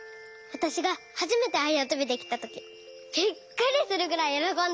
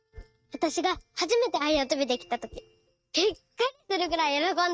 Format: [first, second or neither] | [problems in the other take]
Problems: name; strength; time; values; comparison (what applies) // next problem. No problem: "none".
first | noise reduction (neural mask model RNNoise)